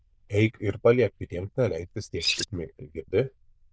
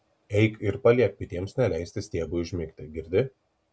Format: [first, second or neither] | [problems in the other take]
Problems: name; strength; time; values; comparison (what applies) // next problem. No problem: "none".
second | noise reduction (neural diffusion model UNIVERSE++)